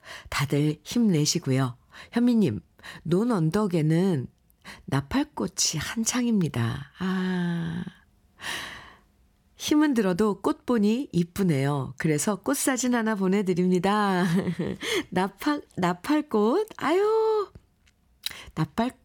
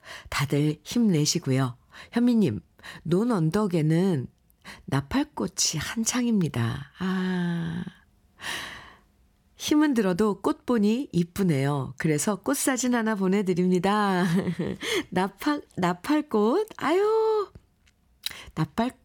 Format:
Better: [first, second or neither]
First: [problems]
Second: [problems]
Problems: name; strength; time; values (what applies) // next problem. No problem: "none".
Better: neither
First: none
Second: none